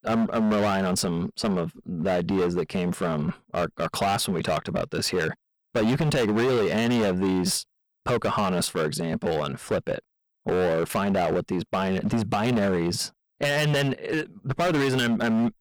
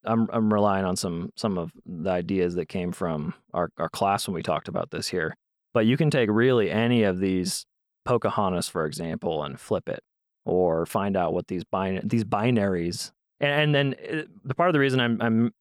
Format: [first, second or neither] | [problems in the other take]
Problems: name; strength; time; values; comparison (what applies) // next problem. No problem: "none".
second | distortion; heavy; 19% of the sound clipped